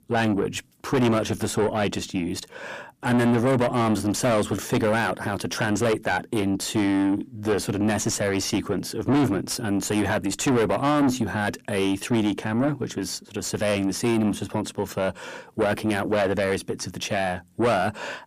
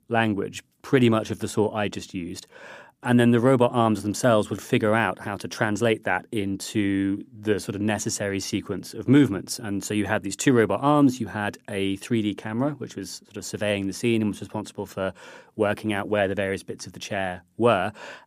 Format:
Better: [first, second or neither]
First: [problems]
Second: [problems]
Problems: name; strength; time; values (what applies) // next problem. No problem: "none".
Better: second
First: distortion; heavy; 5 dB below the speech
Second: none